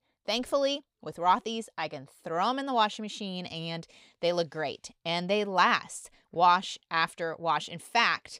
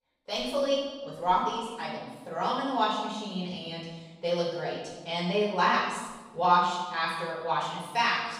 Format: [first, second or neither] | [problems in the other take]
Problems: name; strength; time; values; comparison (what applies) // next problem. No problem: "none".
first | off-mic speech; far // room echo; noticeable; dies away in 1.1 s